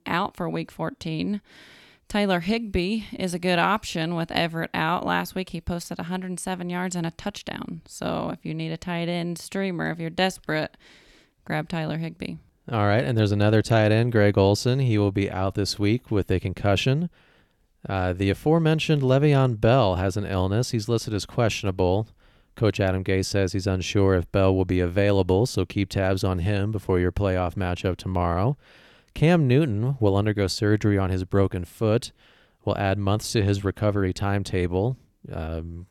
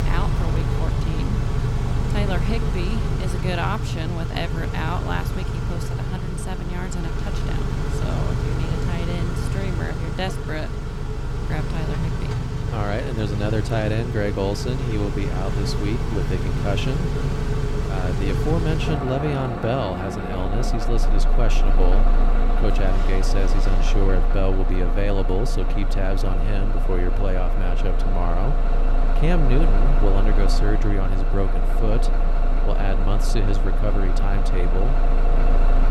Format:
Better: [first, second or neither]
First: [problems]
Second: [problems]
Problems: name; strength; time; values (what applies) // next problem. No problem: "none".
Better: first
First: none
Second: traffic noise; very loud; throughout; 4 dB above the speech